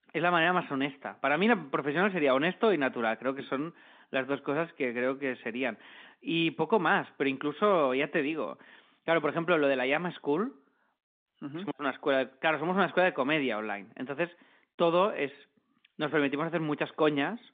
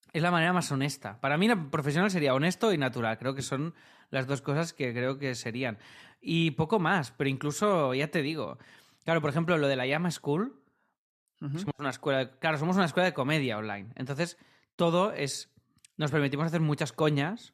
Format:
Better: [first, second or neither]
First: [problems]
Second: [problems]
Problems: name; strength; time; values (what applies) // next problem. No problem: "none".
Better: second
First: phone-call audio; nothing above 3.5 kHz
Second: none